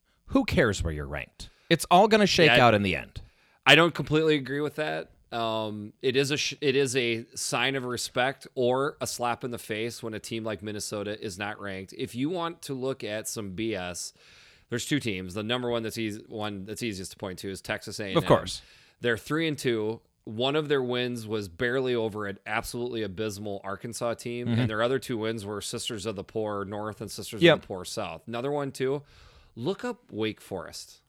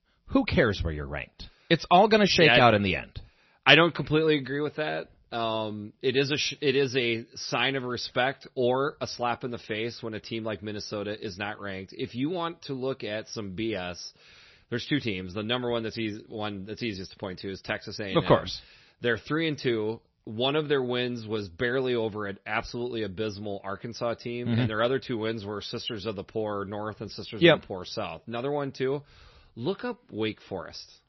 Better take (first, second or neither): first